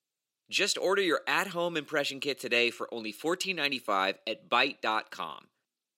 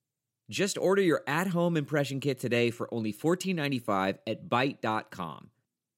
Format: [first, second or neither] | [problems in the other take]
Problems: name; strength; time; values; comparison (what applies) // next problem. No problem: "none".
second | thin; somewhat; fading below 350 Hz